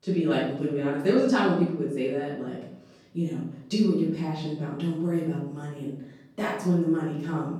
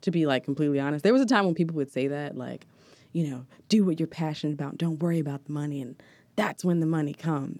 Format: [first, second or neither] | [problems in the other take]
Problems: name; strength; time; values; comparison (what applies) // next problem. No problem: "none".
second | off-mic speech; far // room echo; noticeable; dies away in 0.6 s